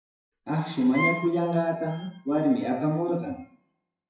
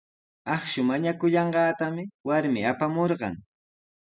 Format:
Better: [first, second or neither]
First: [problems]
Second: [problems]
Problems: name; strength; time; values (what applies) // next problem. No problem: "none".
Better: second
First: noise reduction (classical method WPE with log-MMSE)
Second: none